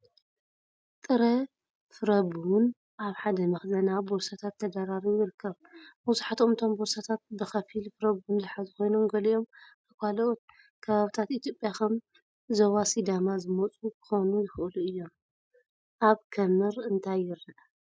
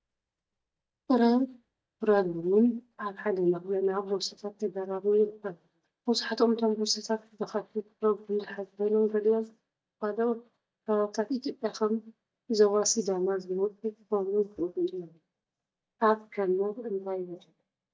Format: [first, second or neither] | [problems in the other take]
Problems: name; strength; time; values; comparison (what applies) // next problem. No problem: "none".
first | noise reduction (neural mask model DeepFilterNet 3)